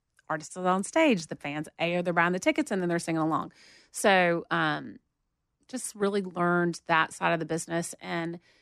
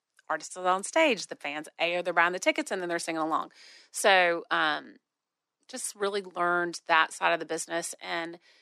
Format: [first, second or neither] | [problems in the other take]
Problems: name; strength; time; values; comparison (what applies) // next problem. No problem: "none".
first | thin; somewhat; fading below 450 Hz